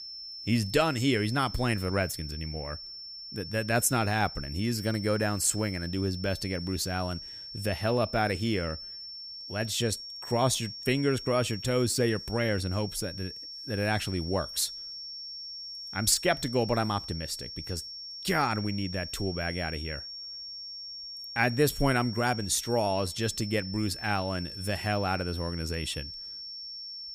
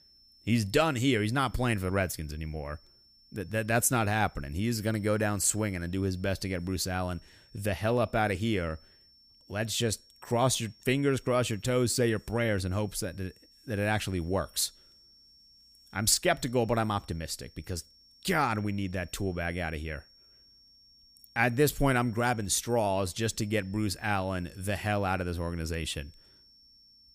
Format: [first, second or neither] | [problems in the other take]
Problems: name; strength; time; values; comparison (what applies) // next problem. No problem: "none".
second | high-pitched whine; loud; throughout; 5.5 kHz, 9 dB below the speech; faint in the second